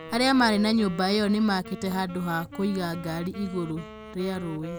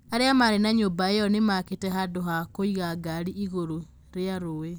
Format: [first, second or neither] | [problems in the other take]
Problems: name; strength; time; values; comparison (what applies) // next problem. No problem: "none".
second | background sound (Wind instrument, woodwind instrument); 15 dB below the speech